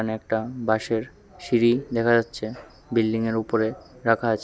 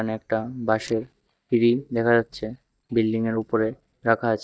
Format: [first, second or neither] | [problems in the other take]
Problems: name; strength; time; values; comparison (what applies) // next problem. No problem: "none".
first | noise reduction (neural mask model DeepFilterNet 3)